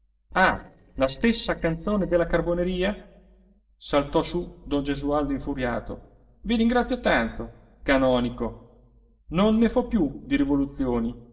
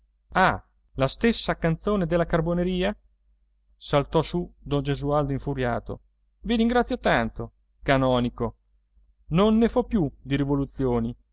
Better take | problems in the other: second | noise reduction (neural separator model SepFormer DNS4)

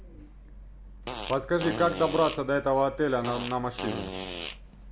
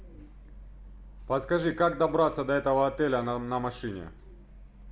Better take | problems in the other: second | background sound (Fart); 9 dB below the speech

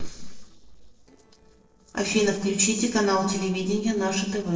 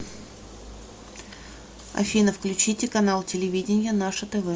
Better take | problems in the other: second | noise reduction (neural separator model SepFormer DNS4)

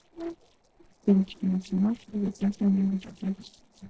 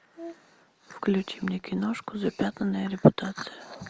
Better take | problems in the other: second | noise reduction (neural separator model SepFormer DNS4)

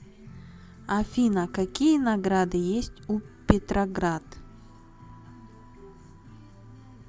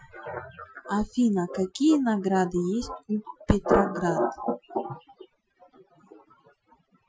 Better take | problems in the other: first | noise reduction (classical method Wiener filter)

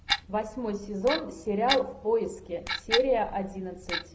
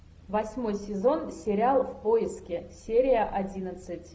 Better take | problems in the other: second | background sound (Clock); 5 dB below the speech

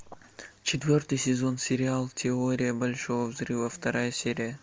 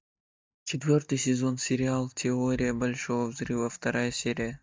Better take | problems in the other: first | noise reduction (neural mask model DeepFilterNet 3)

